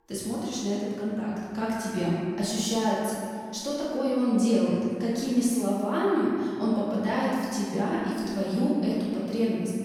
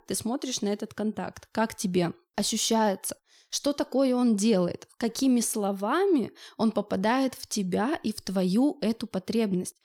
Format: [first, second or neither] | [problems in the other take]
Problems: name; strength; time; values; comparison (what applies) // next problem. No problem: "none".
second | room echo; strong; dies away in 2 s // off-mic speech; far